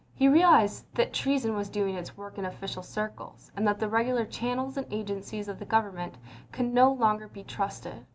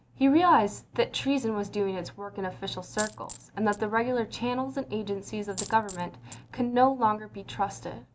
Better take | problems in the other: first | background sound (Coin (dropping)); 15 dB below the speech

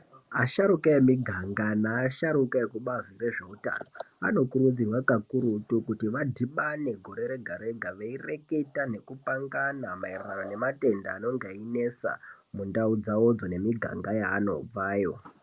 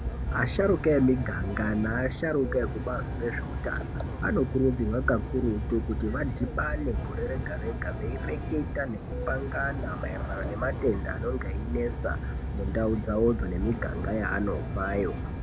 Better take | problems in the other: first | background sound (Aircraft); 3 dB below the speech

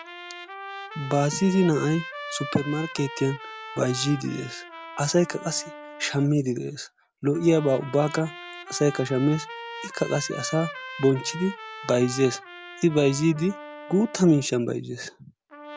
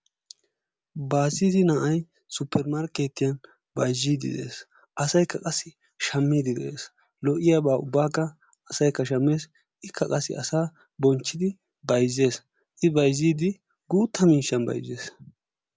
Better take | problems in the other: second | background sound (Trumpet); 14 dB below the speech

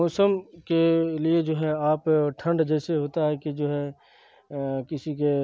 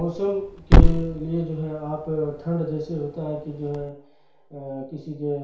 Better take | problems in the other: first | background sound (Thump, thud); 5 dB above the speech // room echo; dies away in 0.6 s

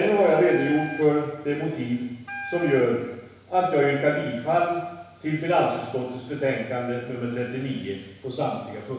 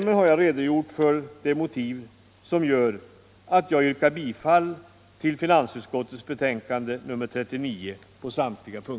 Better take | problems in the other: second | background sound (Wind instrument, woodwind instrument); 13 dB below the speech // room echo; dies away in 1.1 s

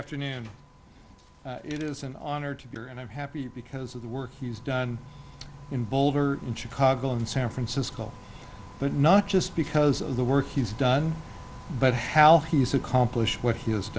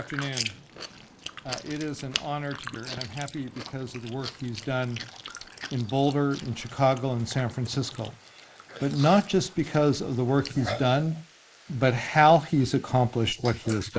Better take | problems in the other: first | noise reduction (neural mask model Resemble Enhance denoiser)

